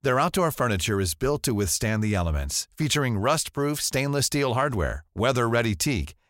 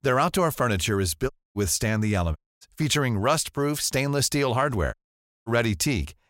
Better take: first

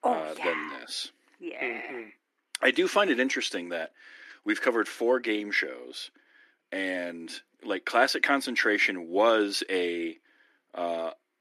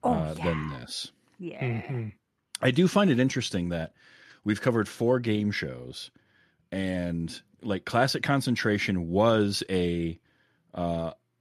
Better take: second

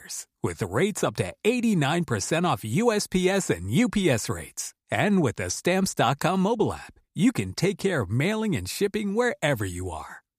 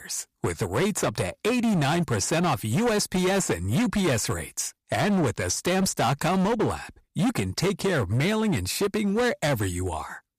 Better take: first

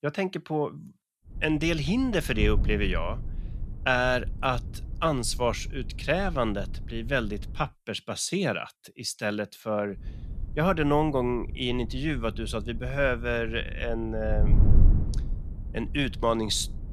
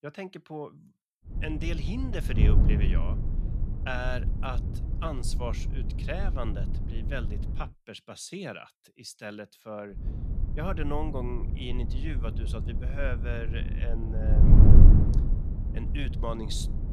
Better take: first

